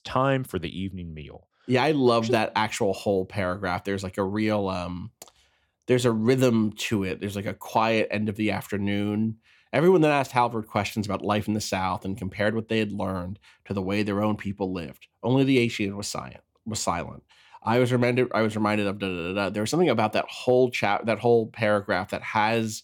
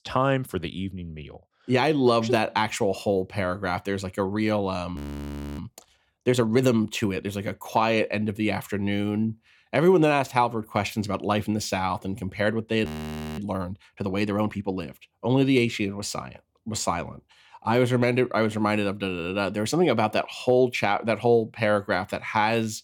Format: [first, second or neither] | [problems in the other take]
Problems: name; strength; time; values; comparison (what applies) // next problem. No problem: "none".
first | audio freezing; at 5 s for 0.5 s and at 13 s for 0.5 s